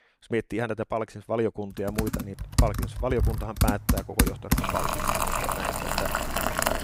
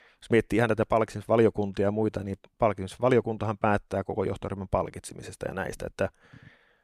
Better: second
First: household noises; very loud; from 2 s on; 4 dB above the speech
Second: none

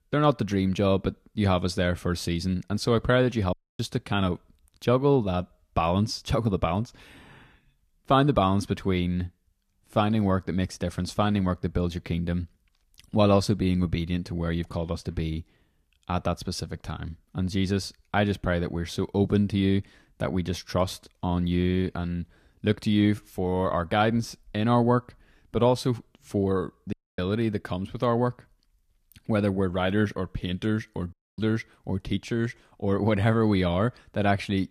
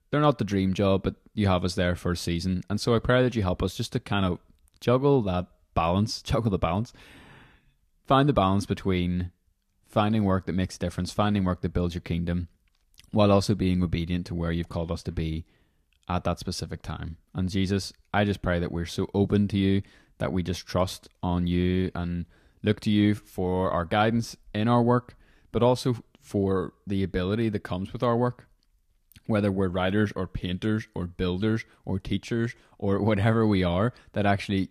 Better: second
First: audio cutting out; at 3.5 s, at 27 s and at 31 s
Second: none

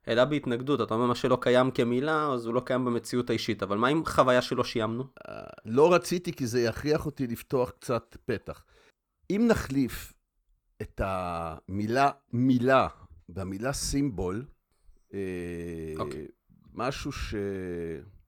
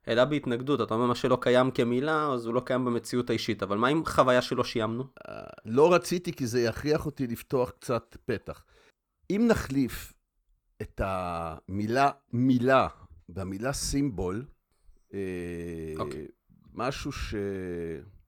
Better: neither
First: none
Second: none

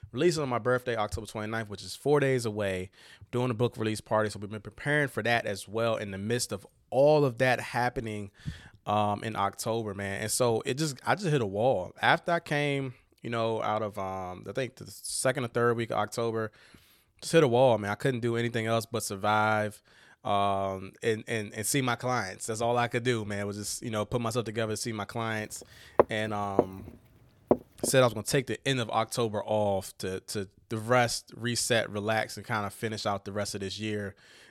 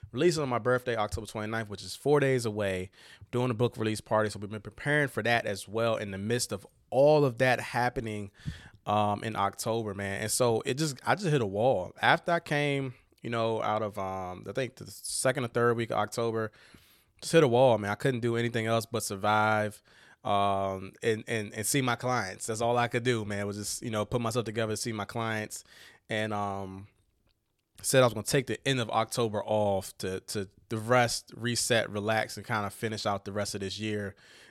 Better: second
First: footsteps; loud; from 26 to 28 s; peak 2 dB above the speech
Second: none

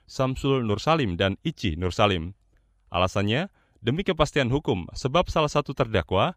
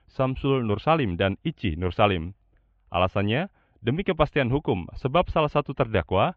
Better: first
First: none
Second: muffled; very; fading above 3 kHz

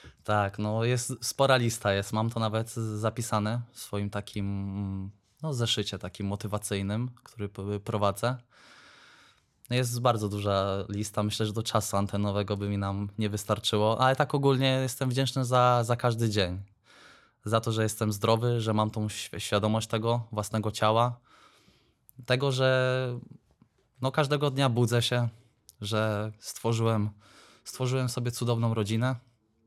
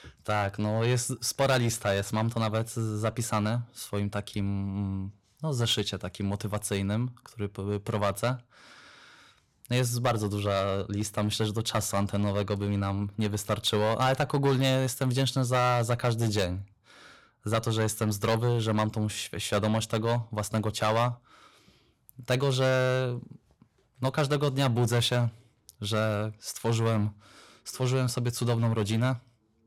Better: first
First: none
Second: distortion; slight; 5% of the sound clipped

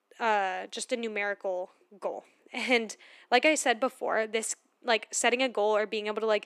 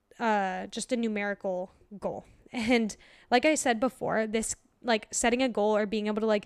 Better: second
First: thin; somewhat; fading below 300 Hz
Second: none

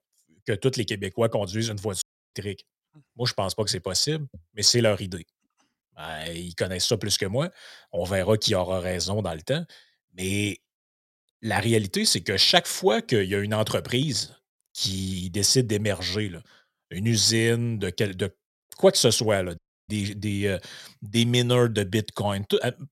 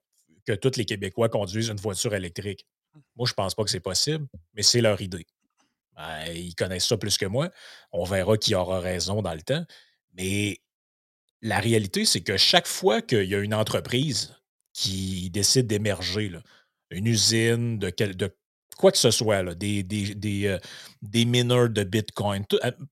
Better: second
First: audio cutting out; at 2 s and at 20 s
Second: none

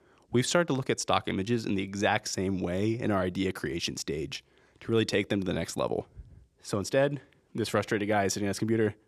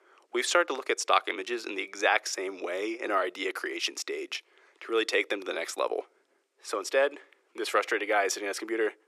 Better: first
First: none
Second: thin; very; fading below 350 Hz

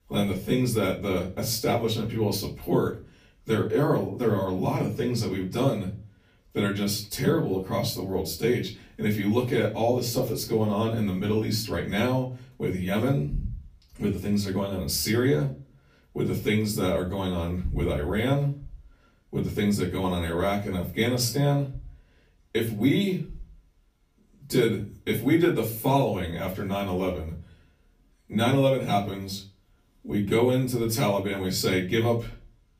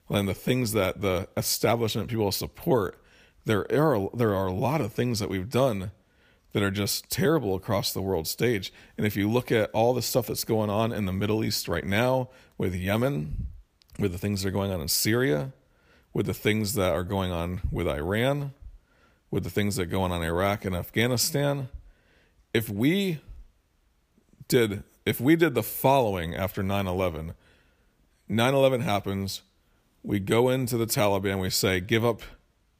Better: second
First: off-mic speech; far // room echo; very slight; dies away in 0.3 s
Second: none

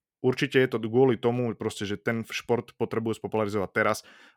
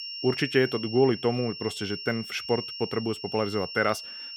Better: first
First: none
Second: high-pitched whine; loud; throughout; 5.5 kHz, 9 dB below the speech

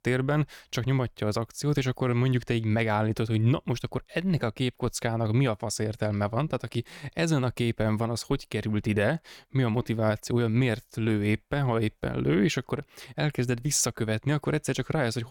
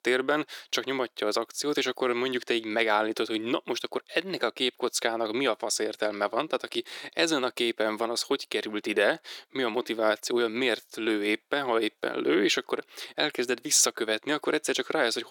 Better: first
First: none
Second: thin; somewhat; fading below 350 Hz

